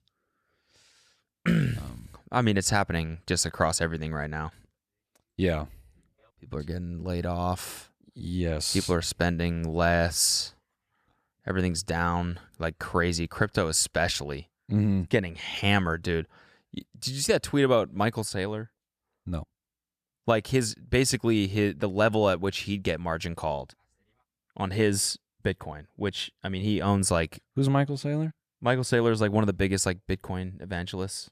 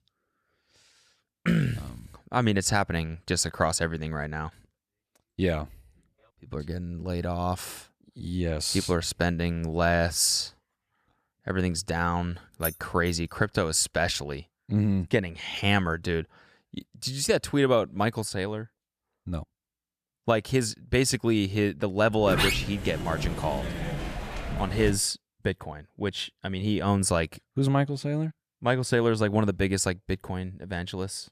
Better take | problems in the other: first | jangling keys; noticeable; at 13 s; peak 6 dB below the speech // door banging; loud; from 22 to 25 s; peak 3 dB above the speech

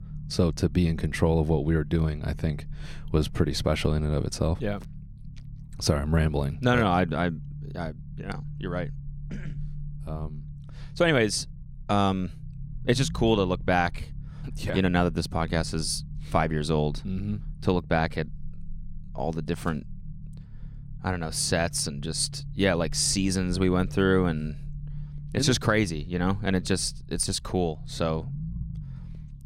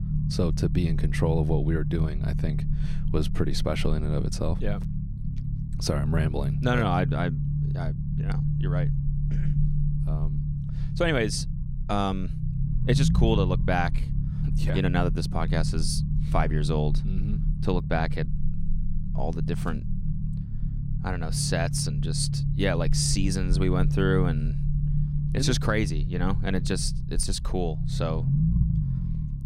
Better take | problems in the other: first | low rumble; loud; throughout; 9 dB below the speech; faint in the first

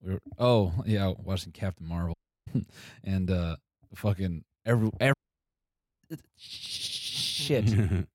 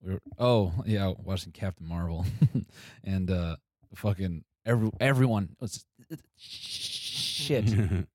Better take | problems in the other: second | audio cutting out; at 2 s and at 5 s for 1 s

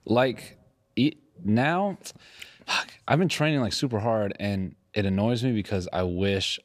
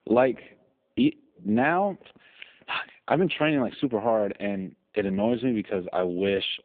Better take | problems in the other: first | phone-call audio; poor line

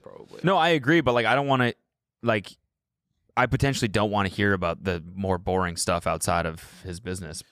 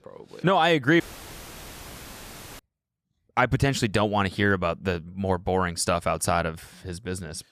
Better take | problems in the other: first | audio cutting out; filled with static; at 1 s for 1.5 s

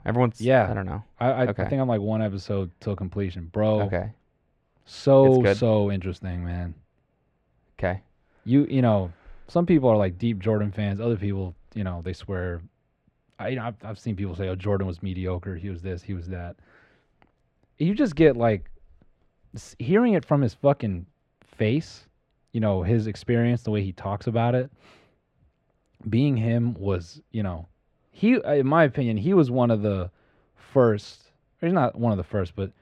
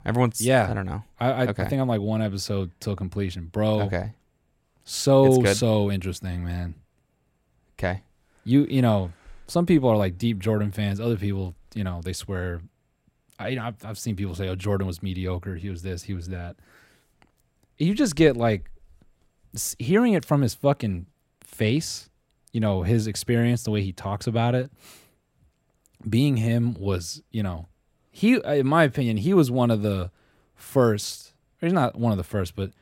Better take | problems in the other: second | muffled; slightly; fading above 3 kHz

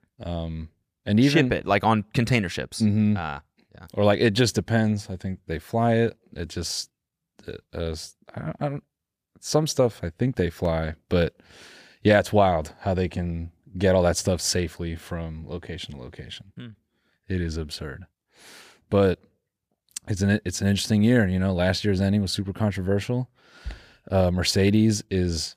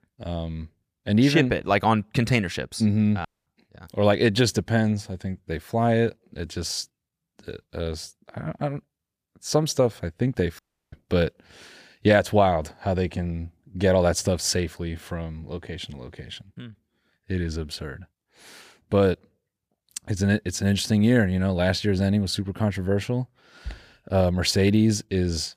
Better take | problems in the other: first | audio cutting out; at 3.5 s and at 11 s

